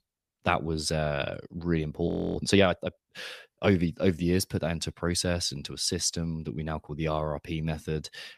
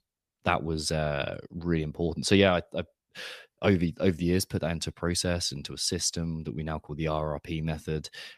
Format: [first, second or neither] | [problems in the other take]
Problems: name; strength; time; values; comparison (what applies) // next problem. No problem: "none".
second | audio freezing; at 2 s